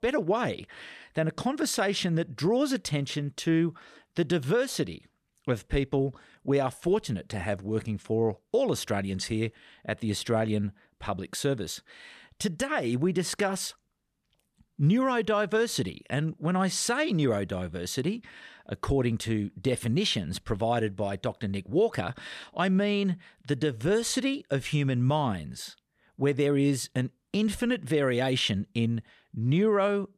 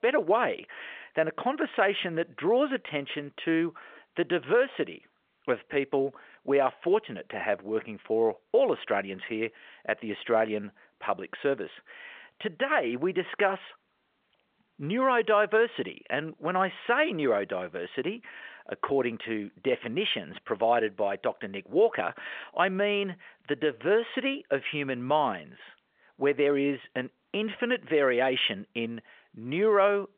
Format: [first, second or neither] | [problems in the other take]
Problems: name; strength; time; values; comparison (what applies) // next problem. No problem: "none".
first | phone-call audio; nothing above 3.5 kHz